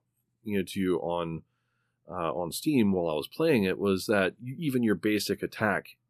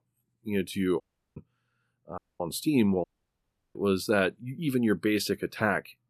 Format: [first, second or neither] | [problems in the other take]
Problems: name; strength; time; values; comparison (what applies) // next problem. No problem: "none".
first | audio cutting out; at 1 s, at 2 s and at 3 s for 0.5 s